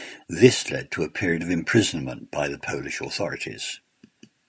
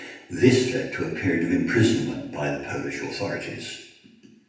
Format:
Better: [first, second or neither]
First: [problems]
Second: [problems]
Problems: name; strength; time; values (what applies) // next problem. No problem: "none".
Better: first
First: none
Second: room echo; dies away in 0.8 s